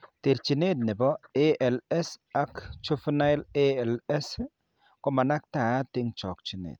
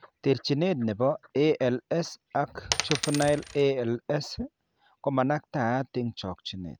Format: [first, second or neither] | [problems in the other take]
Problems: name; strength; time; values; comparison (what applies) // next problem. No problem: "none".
first | background sound (Coin (dropping)); 5 dB below the speech